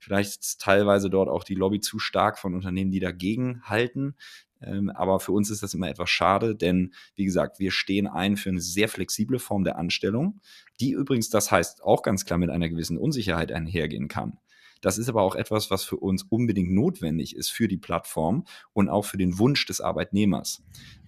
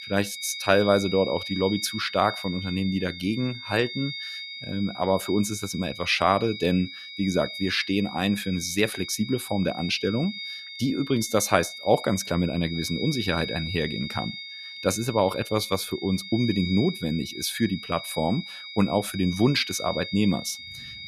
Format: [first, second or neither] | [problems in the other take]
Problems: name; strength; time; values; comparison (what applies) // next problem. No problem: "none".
first | high-pitched whine; loud; throughout; 4 kHz, 9 dB below the speech